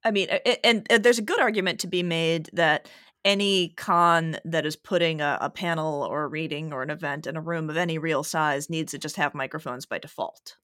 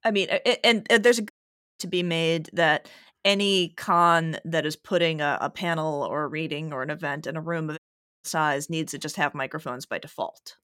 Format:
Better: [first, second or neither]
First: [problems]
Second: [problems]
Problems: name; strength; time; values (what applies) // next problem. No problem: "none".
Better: first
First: none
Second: audio cutting out; at 1.5 s and at 8 s